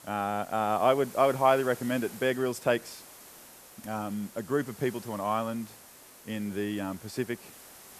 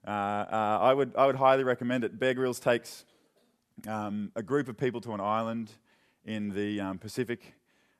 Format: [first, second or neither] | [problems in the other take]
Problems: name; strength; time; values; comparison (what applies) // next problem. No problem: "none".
second | hiss; noticeable; throughout; 20 dB below the speech